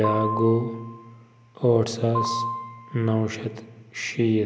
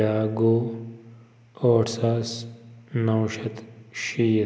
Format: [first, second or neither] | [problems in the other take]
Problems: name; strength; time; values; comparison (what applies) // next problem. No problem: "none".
second | background sound (Piano); 8 dB below the speech